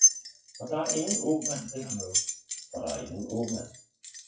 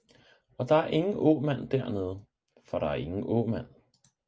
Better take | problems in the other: second | noise reduction (classical method WPE with log-MMSE)

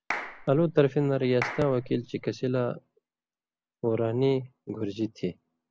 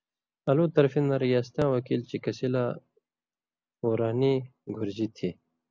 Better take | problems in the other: second | background sound (Clapping); 11 dB below the speech

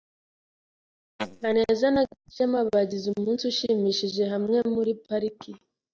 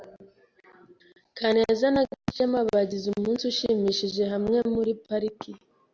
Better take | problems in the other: second | noise reduction (neural mask model DeepFilterNet 3)

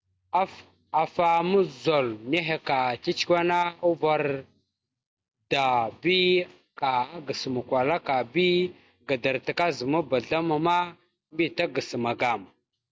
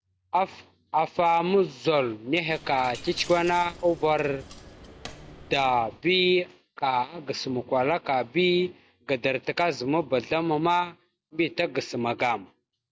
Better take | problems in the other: first | background sound (Coin (dropping)); 18 dB below the speech

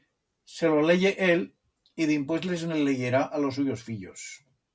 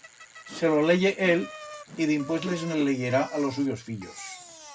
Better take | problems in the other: first | background sound (Whoosh, swoosh, swish + Bicycle); 16 dB below the speech

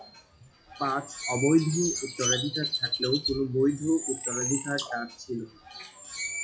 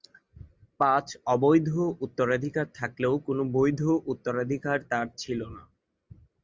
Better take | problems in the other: second | noise reduction (classical method WPE with log-MMSE)

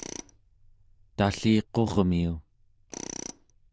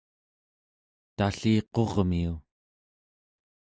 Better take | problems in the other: second | noise reduction (neural diffusion model UNIVERSE++)

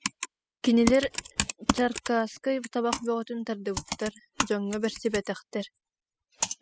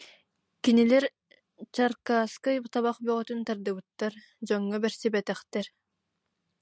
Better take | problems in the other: second | noise reduction (classical method spectral subtraction)

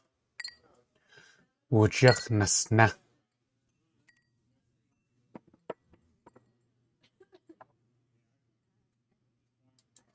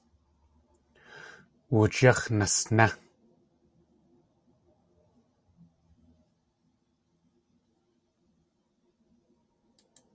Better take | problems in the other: second | noise reduction (neural mask model RNNoise)

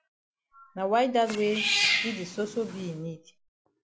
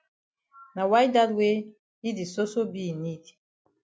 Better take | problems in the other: second | background sound (Cat); 1 dB below the speech

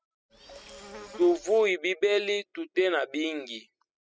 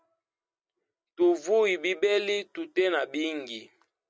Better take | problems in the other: second | noise reduction (classical method spectral subtraction)

